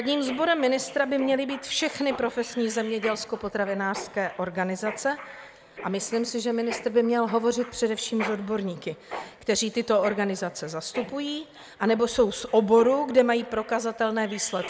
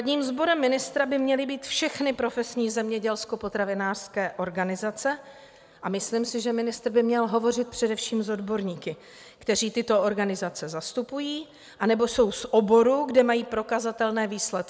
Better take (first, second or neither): second